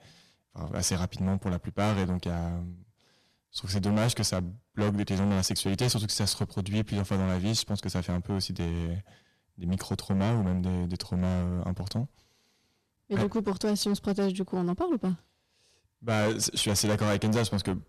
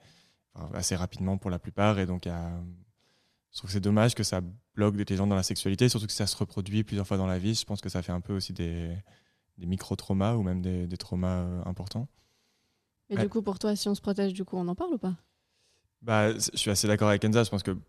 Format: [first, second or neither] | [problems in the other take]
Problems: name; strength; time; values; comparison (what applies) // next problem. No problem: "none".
second | distortion; heavy; 10% of the sound clipped